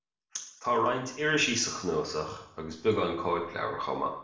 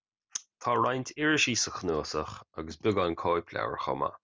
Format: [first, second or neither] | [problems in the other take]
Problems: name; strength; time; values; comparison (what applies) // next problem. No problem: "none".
second | room echo; dies away in 0.7 s